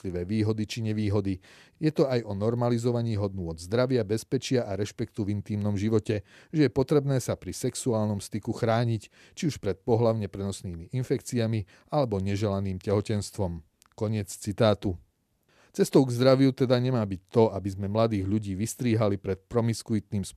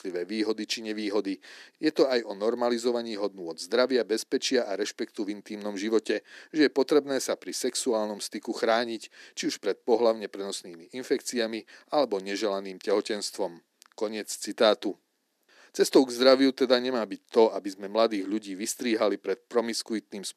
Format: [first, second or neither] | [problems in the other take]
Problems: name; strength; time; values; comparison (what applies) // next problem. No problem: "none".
first | thin; somewhat; fading below 250 Hz